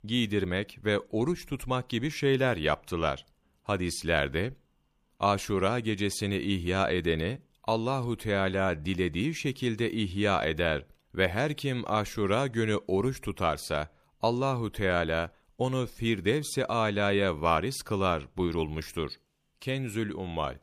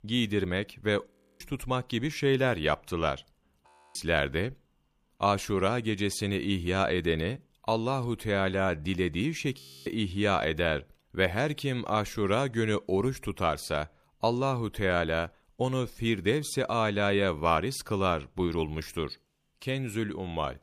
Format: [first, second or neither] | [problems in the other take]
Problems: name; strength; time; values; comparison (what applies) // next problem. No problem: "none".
first | audio freezing; at 1 s, at 3.5 s and at 9.5 s